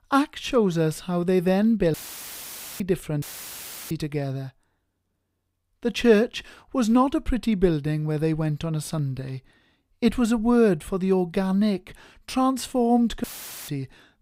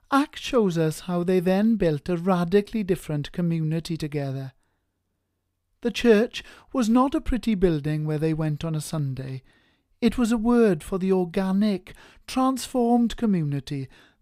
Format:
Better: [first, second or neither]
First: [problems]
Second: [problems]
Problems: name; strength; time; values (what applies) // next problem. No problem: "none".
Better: second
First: audio cutting out; filled with static; at 2 s for 1 s, at 3 s for 0.5 s and at 13 s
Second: none